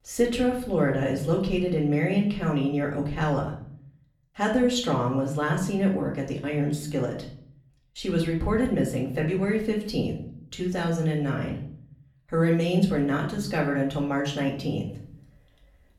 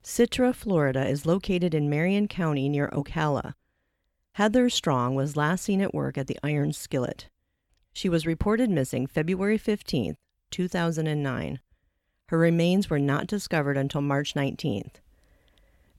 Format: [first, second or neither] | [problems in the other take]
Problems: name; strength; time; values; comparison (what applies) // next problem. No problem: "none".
second | off-mic speech; far // room echo; slight; dies away in 0.5 s